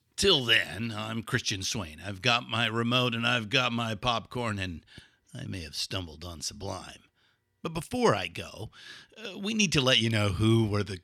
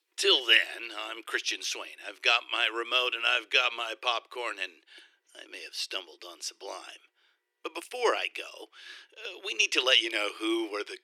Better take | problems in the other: first | thin; very; fading below 350 Hz

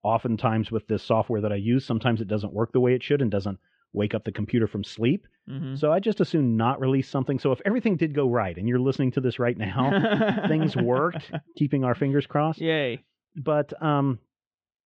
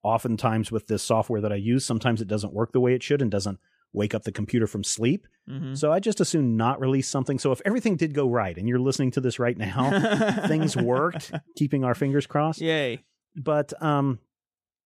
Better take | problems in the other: second | muffled; slightly; fading above 3.5 kHz

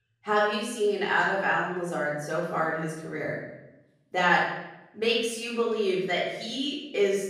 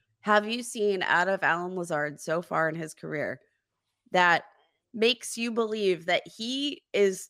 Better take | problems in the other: second | off-mic speech; far // room echo; noticeable; dies away in 0.8 s

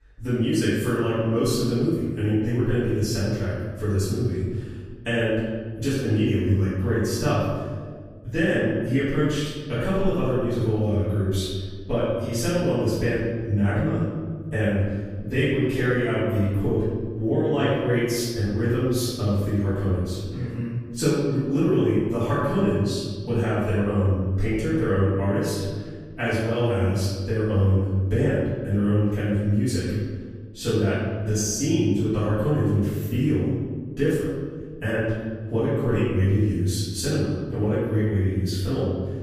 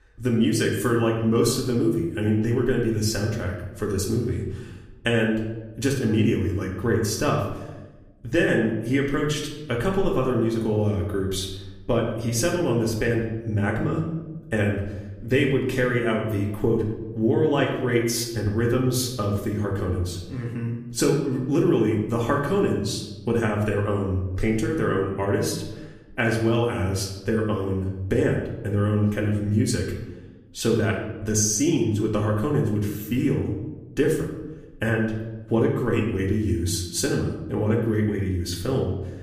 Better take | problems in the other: second | room echo; strong; dies away in 1.6 s; slight in the second // off-mic speech; far; somewhat distant in the second

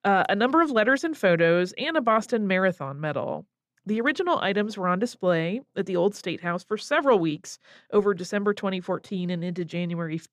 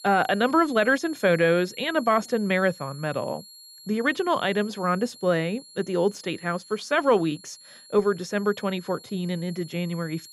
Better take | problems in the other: first | high-pitched whine; noticeable; throughout; 4.5 kHz, 20 dB below the speech

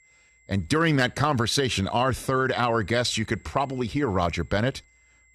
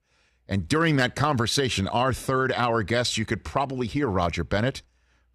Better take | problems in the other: second | high-pitched whine; faint; throughout; 2 kHz, 35 dB below the speech

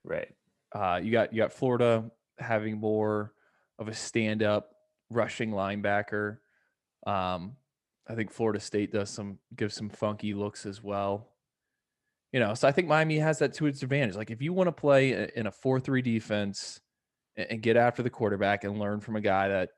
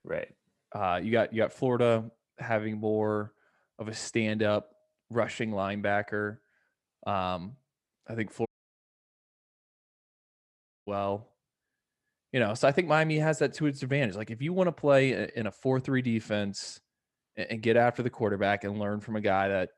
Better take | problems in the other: first | audio cutting out; at 8.5 s for 2.5 s

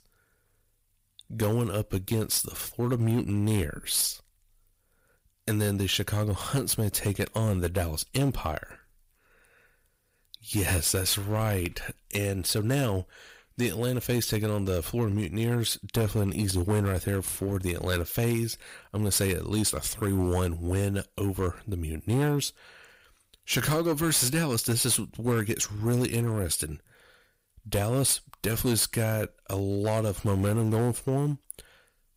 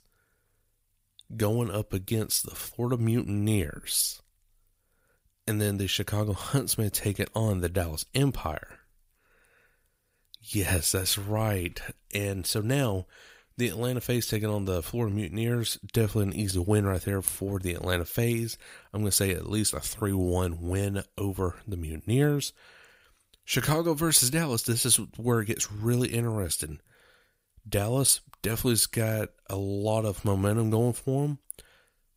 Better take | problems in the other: second | distortion; slight; 6% of the sound clipped

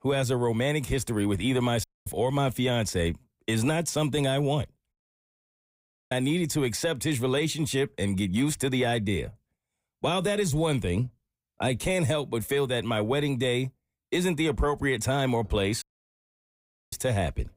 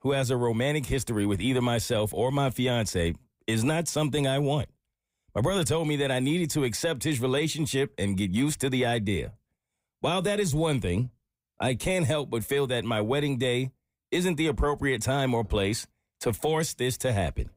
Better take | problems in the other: second | audio cutting out; at 2 s, at 5 s for 1 s and at 16 s for 1 s

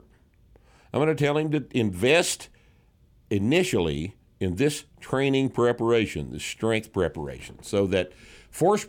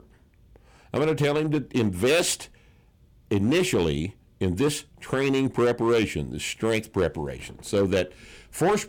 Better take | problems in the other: first | distortion; slight; 7% of the sound clipped

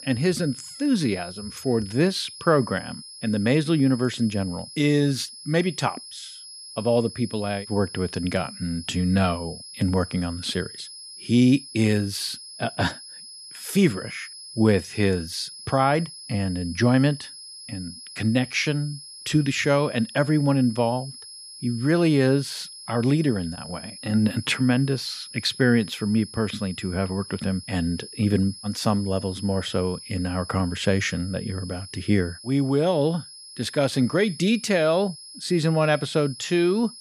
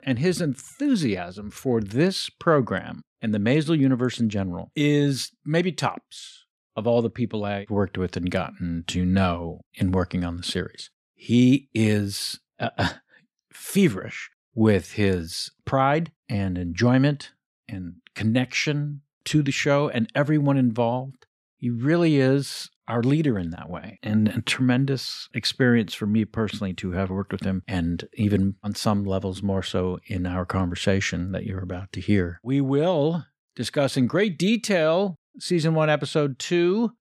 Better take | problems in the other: second | high-pitched whine; noticeable; throughout; 5 kHz, 15 dB below the speech

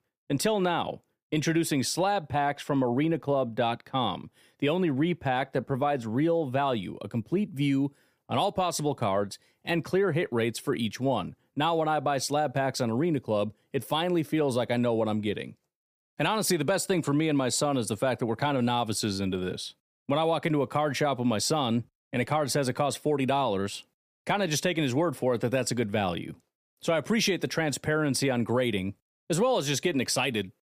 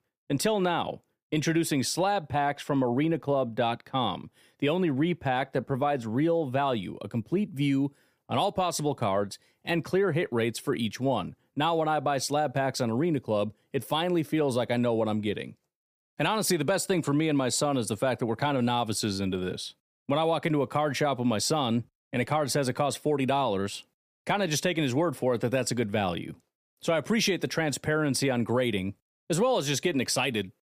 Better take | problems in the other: neither | none

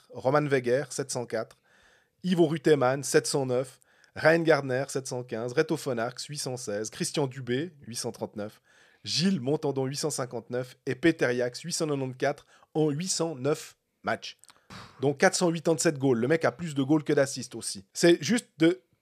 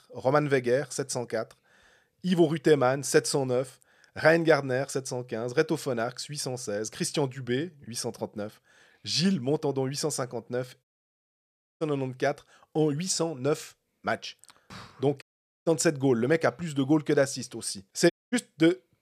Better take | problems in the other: first | audio cutting out; at 11 s for 1 s, at 15 s and at 18 s

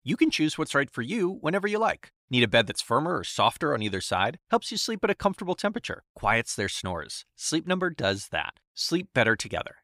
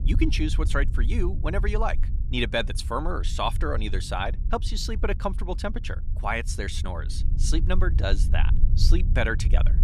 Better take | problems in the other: first | low rumble; noticeable; throughout; 15 dB below the speech

